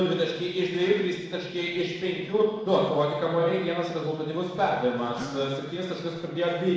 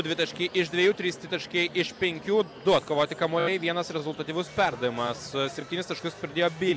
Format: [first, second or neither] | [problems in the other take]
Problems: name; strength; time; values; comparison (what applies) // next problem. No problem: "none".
second | noise reduction (neural separator model SepFormer DNS4)